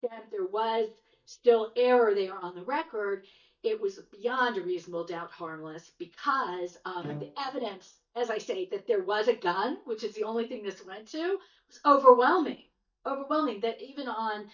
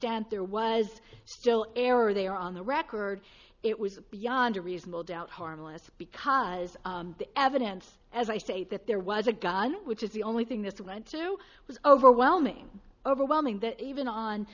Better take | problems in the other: second | noise reduction (neural mask model DeepFilterNet 3)

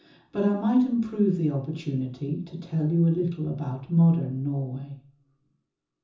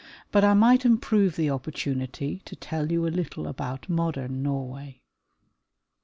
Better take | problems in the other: second | room echo; dies away in 0.6 s

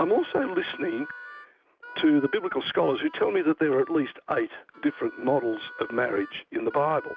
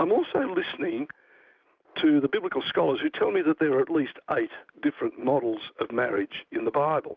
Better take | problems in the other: second | background sound (Harmonica); 18 dB below the speech

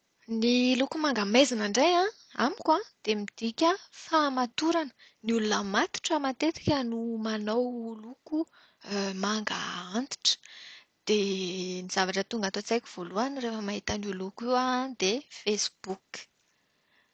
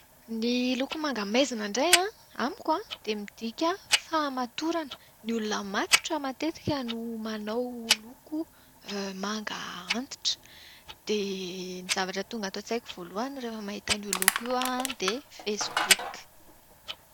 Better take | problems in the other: first | background sound (Tick-tock + Crushing); 2 dB below the speech

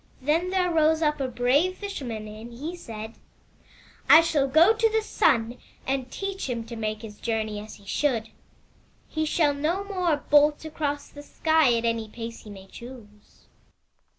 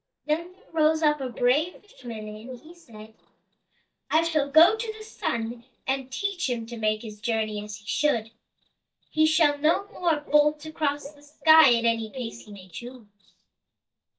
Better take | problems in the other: first | noise reduction (neural mask model DeepFilterNet 3)

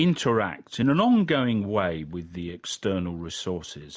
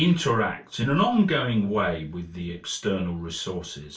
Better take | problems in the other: first | room echo; dies away in 0.3 s

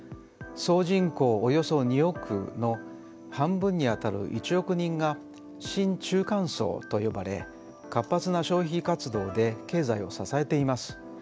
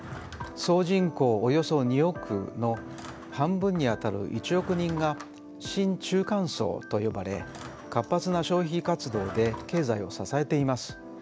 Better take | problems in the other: first | background sound (Drawer open or close / Wood); 19 dB below the speech

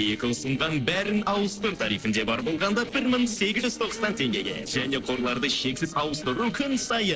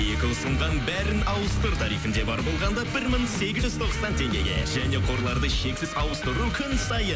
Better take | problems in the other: second | noise reduction (neural separator model SepFormer DNS4)

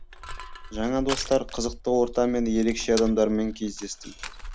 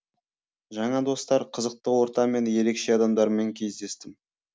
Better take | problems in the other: second | background sound (Crushing); 10 dB below the speech

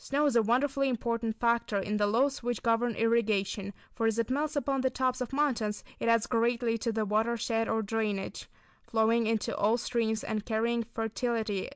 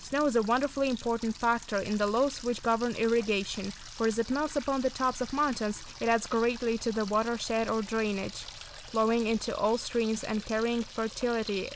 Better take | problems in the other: first | background sound (Water tap, faucet); 15 dB below the speech

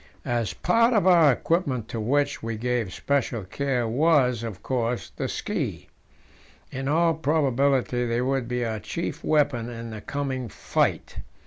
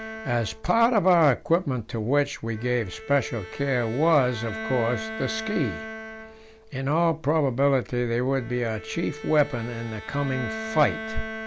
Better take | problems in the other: first | background sound (Bowed string instrument); 12 dB below the speech

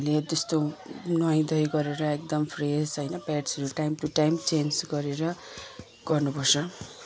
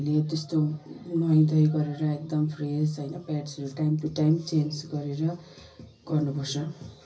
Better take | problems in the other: first | room echo; dies away in 0.4 s

